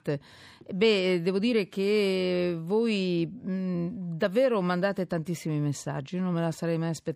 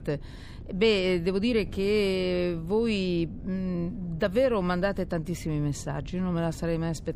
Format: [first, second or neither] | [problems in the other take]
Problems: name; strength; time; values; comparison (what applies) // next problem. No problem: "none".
first | wind noise on the microphone; occasional gusts; 25 dB below the speech